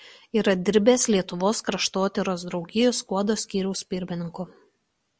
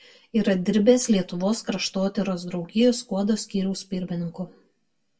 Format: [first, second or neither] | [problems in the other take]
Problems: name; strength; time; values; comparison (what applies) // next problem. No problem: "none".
first | room echo; dies away in 0.2 s